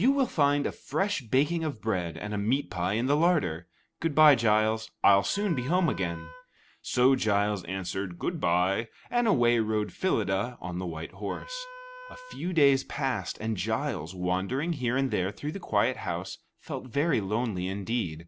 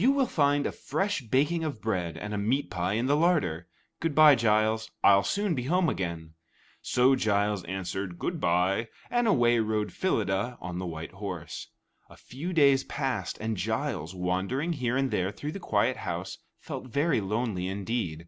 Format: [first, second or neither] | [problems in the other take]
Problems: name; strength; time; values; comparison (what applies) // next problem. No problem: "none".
second | background sound (Wind instrument, woodwind instrument); 17 dB below the speech